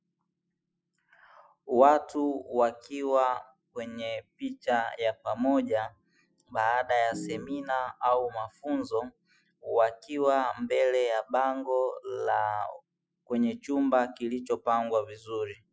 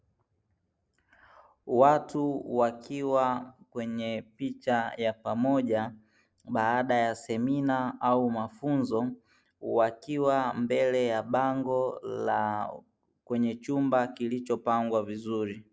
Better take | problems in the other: second | noise reduction (classical method Wiener filter)

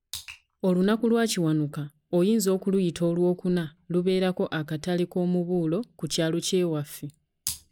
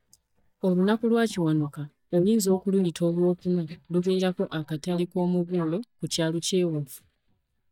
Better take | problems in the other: first | noise reduction (neural mask model DeepFilterNet 3)

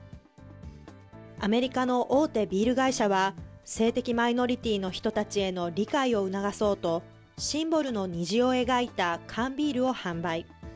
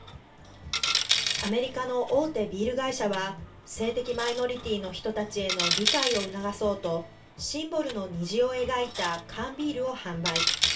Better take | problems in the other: first | background sound (Coin (dropping)); 3 dB below the speech // room echo; dies away in 0.3 s

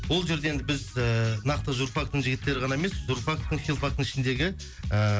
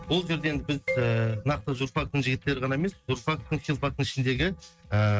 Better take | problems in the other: first | noise reduction (neural mask model RNNoise)

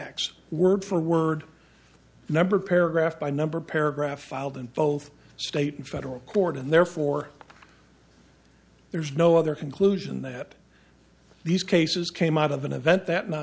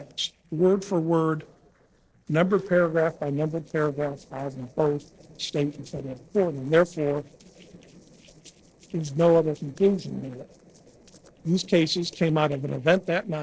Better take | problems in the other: first | noise reduction (neural separator model SepFormer DNS4)

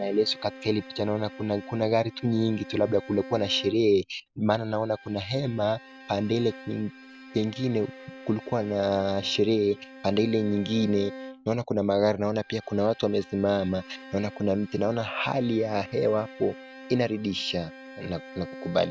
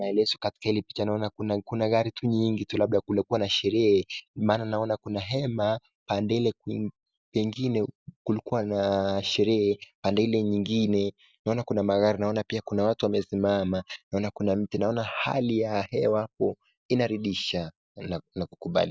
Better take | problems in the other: second | background sound (Bowed string instrument); 18 dB below the speech

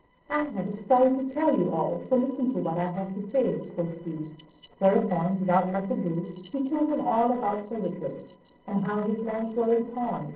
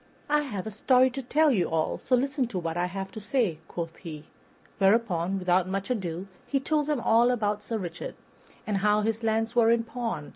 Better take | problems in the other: second | noise reduction (neural separator model SepFormer DNS4)

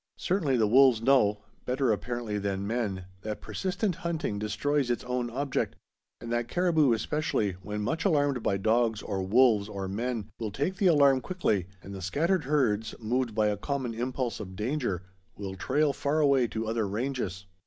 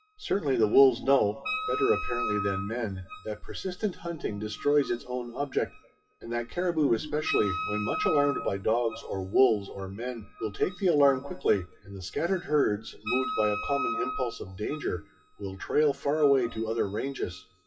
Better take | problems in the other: first | noise reduction (classical method WPE with log-MMSE)

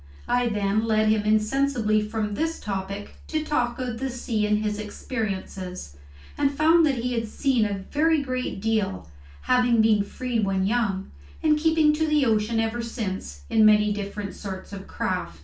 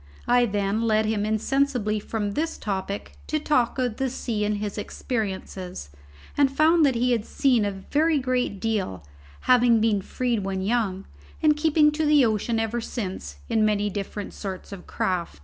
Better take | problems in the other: second | room echo; dies away in 0.3 s

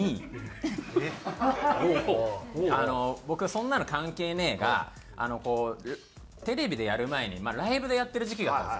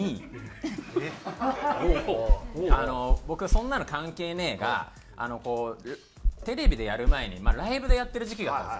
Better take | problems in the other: first | background sound (Knock); 2 dB above the speech

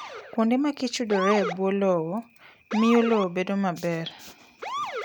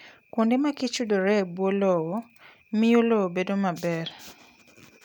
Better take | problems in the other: second | background sound (Motor vehicle (road) / Siren); 10 dB below the speech

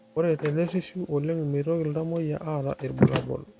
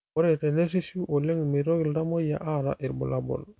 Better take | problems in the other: second | background sound (Slam); 5 dB below the speech

